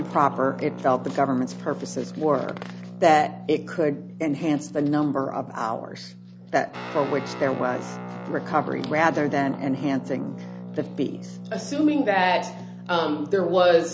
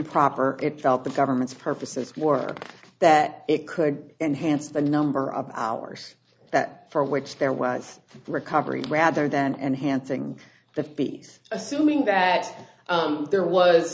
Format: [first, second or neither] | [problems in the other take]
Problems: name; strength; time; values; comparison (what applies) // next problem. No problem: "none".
second | background sound (Guitar); 12 dB below the speech